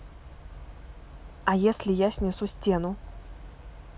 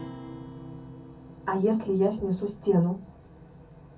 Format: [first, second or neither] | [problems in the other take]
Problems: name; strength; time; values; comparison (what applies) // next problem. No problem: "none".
first | background sound (Acoustic guitar); 17 dB below the speech // room echo; dies away in 0.3 s